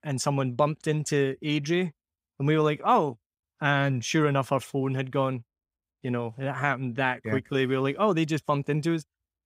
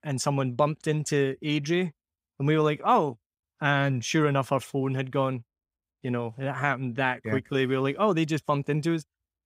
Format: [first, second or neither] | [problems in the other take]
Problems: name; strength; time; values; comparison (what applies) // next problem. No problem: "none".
neither | none